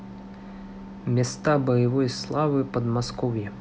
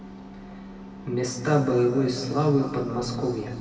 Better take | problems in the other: first | room echo; dies away in 2.5 s

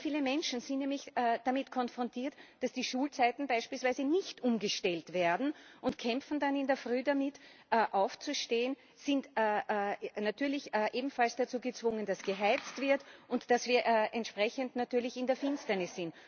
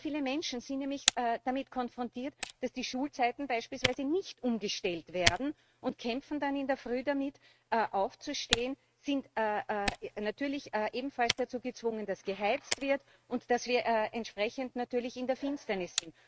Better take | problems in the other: first | noise reduction (neural mask model RNNoise)

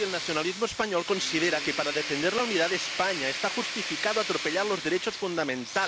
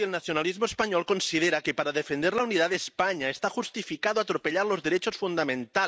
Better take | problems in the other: second | background sound (Tools); 6 dB below the speech

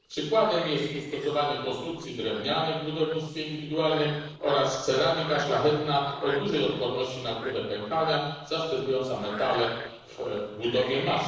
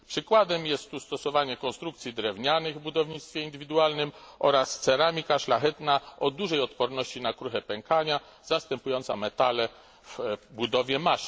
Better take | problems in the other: second | noise reduction (neural separator model SepFormer DNS4)

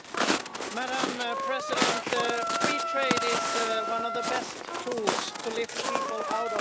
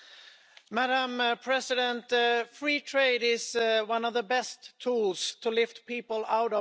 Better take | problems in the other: second | background sound (Walk, footsteps + Wind instrument, woodwind instrument); 4 dB above the speech

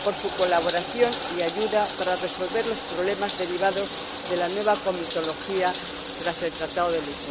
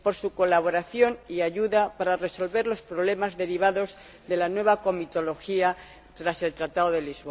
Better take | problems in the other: second | background sound (Bathtub (filling or washing)); 7 dB below the speech

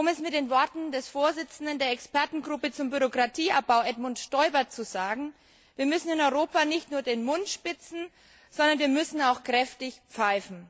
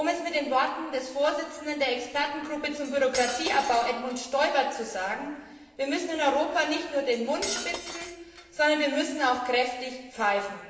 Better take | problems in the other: first | background sound (Cutlery, silverware); 12 dB below the speech // room echo; dies away in 1.2 s

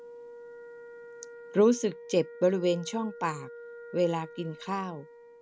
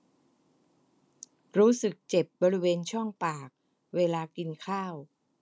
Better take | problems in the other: second | background sound (Wind instrument, woodwind instrument); 16 dB below the speech

